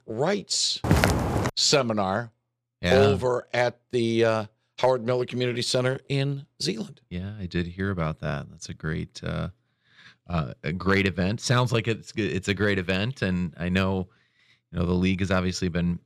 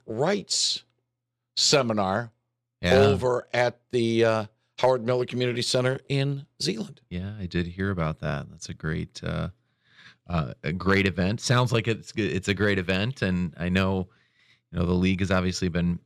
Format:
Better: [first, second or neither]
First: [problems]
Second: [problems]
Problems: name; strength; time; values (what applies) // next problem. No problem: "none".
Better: second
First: footsteps; loud; at 1 s; peak 4 dB above the speech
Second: none